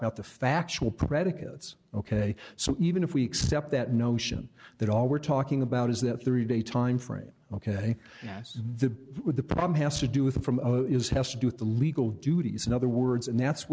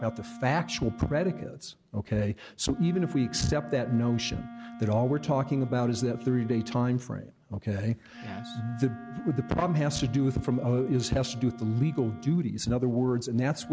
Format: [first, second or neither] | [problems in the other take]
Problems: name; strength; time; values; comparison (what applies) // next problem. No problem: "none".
first | background sound (Wind instrument, woodwind instrument); 16 dB below the speech